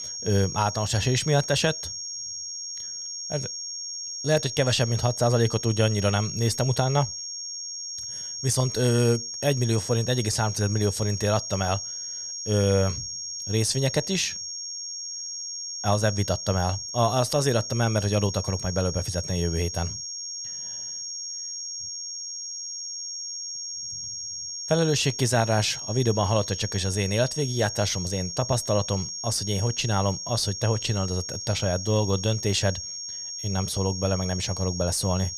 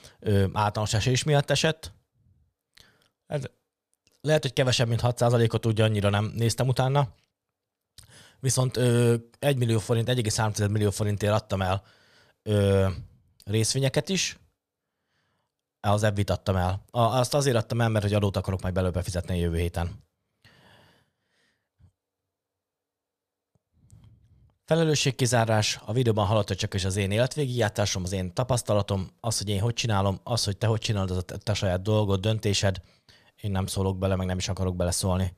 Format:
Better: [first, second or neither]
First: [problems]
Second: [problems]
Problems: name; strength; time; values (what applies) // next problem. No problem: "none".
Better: second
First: high-pitched whine; loud; throughout; 5.5 kHz, 6 dB below the speech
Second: none